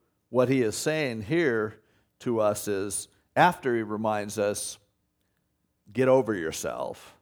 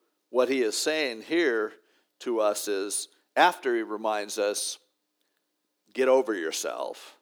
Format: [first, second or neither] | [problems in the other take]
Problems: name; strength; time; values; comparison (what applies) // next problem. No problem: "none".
first | thin; very slightly; fading below 300 Hz